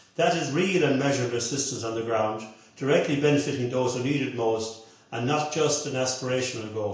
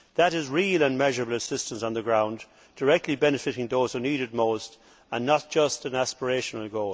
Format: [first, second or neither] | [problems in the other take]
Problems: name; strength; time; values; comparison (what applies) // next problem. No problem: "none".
second | room echo; dies away in 0.5 s